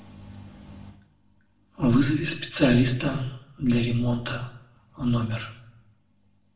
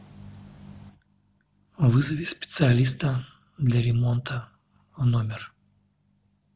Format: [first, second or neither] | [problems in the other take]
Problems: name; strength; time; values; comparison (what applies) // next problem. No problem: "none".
second | room echo; dies away in 0.7 s